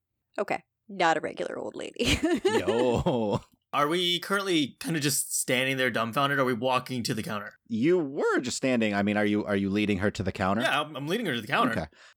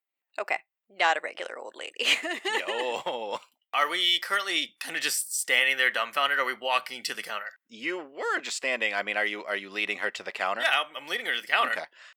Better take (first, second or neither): first